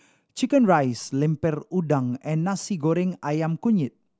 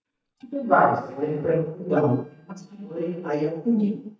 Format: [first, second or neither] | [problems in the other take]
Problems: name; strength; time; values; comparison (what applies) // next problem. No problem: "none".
first | noise reduction (neural mask model DeepFilterNet 3)